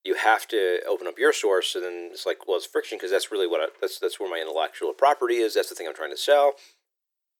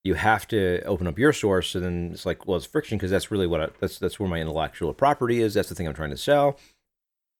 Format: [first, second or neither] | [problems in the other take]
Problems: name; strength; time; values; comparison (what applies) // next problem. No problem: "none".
second | thin; very; fading below 350 Hz